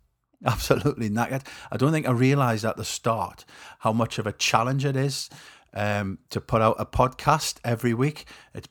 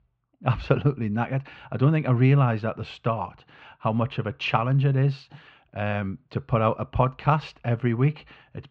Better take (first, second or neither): first